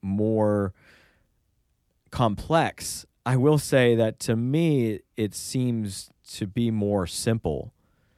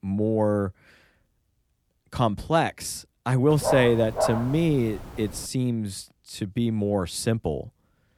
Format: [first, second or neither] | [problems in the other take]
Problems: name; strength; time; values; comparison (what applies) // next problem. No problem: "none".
first | dog barking; noticeable; from 3.5 to 5.5 s; peak 2 dB below the speech